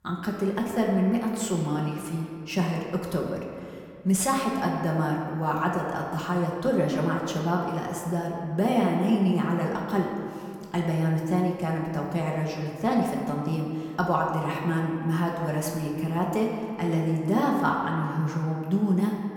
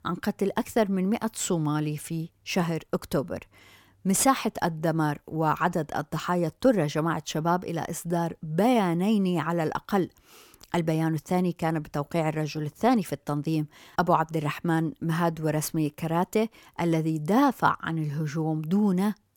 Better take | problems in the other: second | room echo; noticeable; dies away in 2 s // off-mic speech; somewhat distant

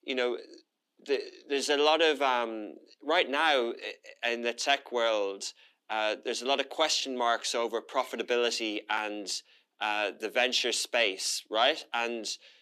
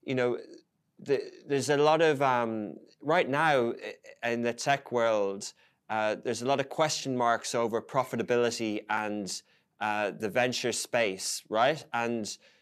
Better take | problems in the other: second | thin; very slightly; fading below 250 Hz

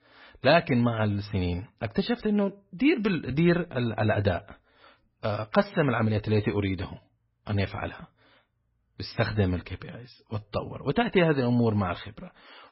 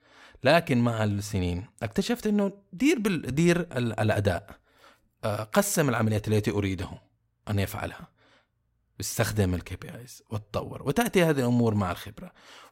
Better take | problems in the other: second | garbled, watery; badly; nothing above 5.5 kHz

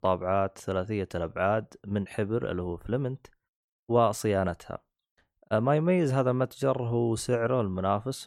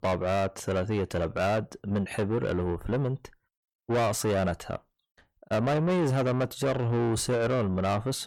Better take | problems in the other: first | distortion; heavy; 7 dB below the speech

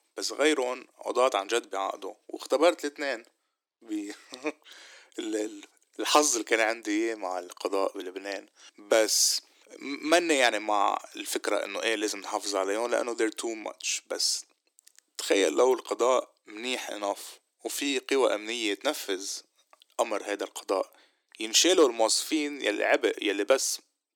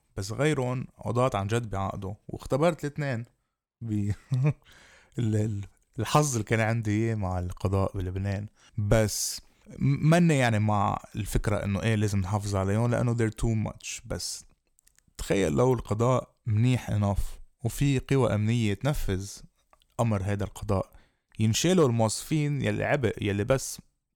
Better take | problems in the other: second | thin; very; fading below 300 Hz

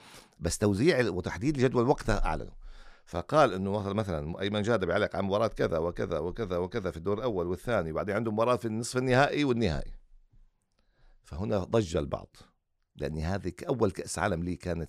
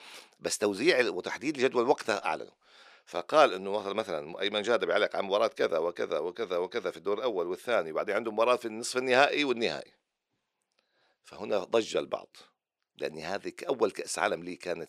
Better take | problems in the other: first | thin; somewhat; fading below 400 Hz

